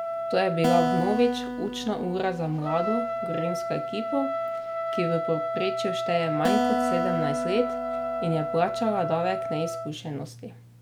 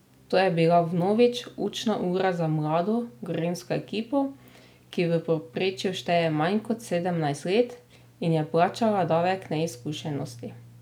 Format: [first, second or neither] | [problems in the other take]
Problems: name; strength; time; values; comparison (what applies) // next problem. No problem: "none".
second | background sound (Acoustic guitar + Trumpet); 1 dB below the speech